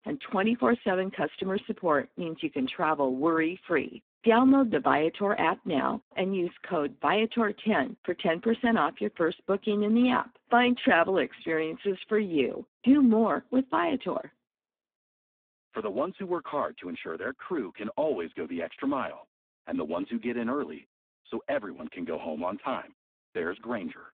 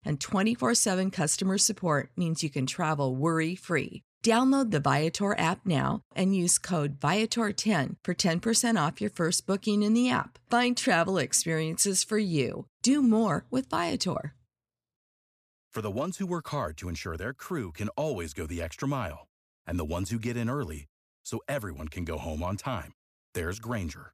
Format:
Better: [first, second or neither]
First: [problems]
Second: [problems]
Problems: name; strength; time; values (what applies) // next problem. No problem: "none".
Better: second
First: phone-call audio; poor line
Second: none